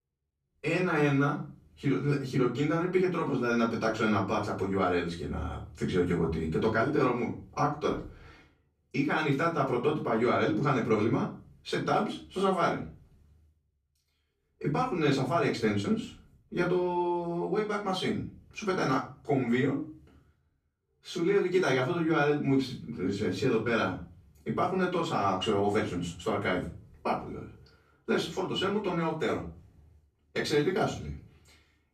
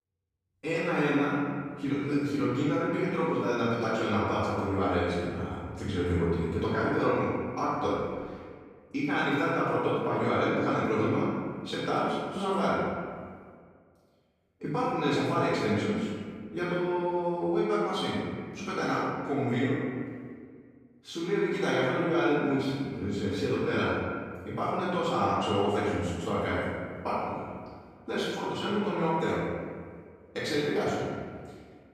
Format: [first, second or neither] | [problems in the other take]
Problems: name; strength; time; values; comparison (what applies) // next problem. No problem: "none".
first | room echo; strong; dies away in 1.7 s; slight in the first // off-mic speech; far; far in the first